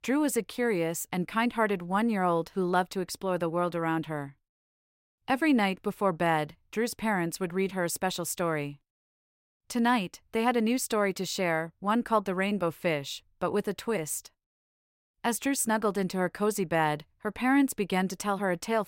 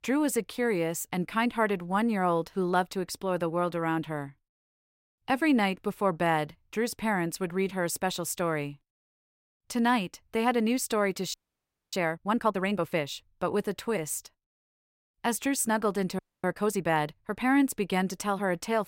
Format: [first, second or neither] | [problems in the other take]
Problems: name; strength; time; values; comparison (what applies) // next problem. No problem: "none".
first | audio freezing; at 11 s for 0.5 s and at 16 s